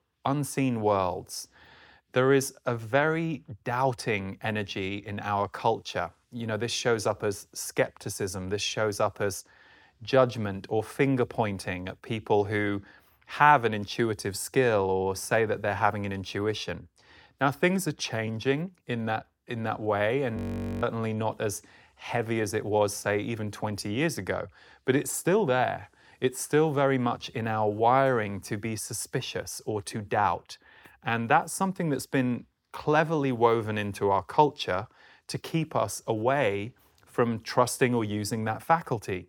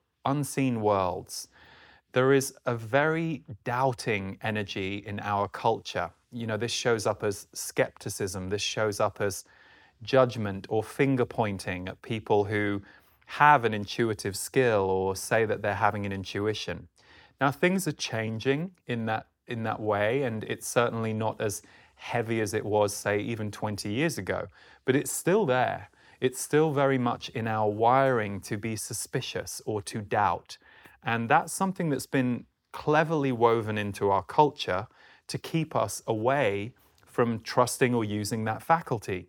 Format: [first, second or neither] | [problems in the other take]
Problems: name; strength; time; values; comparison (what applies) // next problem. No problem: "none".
second | audio freezing; at 20 s